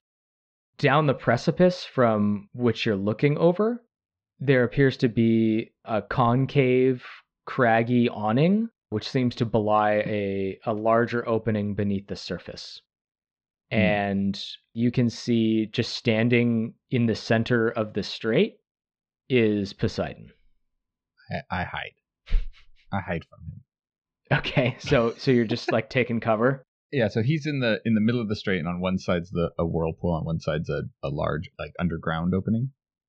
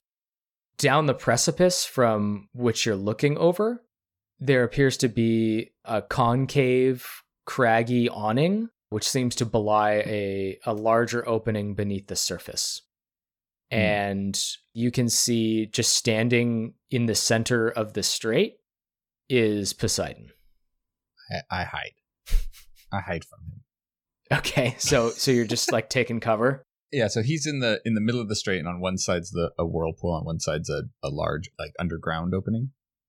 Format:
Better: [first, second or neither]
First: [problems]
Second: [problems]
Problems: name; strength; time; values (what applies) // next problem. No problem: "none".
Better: second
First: muffled; slightly; fading above 3.5 kHz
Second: none